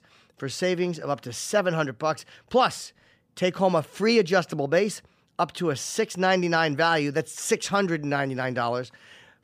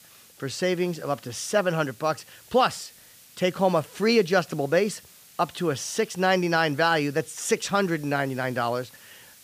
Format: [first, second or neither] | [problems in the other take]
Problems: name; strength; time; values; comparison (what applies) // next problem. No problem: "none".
first | hiss; faint; throughout; 25 dB below the speech